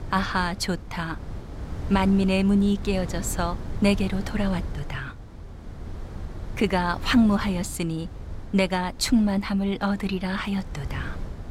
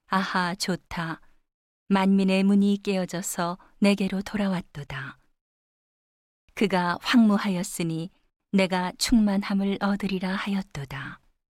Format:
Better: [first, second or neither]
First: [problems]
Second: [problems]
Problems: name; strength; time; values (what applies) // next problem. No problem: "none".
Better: second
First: wind noise on the microphone; occasional gusts; 15 dB below the speech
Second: none